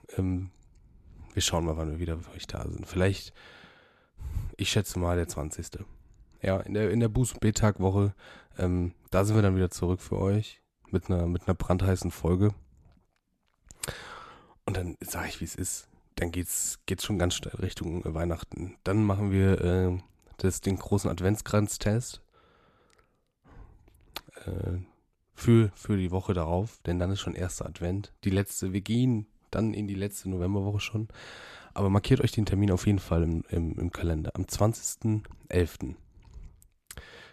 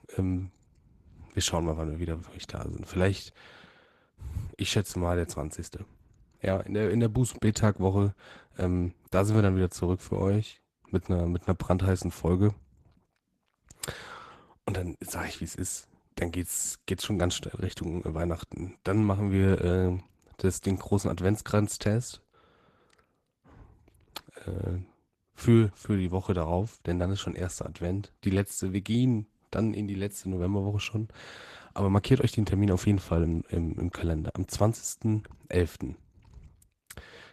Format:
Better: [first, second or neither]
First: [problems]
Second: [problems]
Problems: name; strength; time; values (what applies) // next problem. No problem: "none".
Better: first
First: none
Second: garbled, watery; slightly; nothing above 13.5 kHz